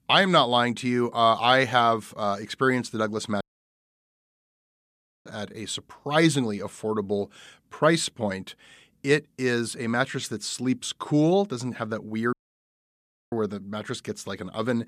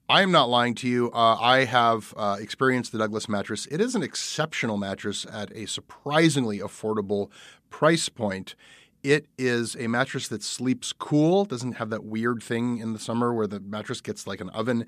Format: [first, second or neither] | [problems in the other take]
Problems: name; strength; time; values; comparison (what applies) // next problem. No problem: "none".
second | audio cutting out; at 3.5 s for 2 s and at 12 s for 1 s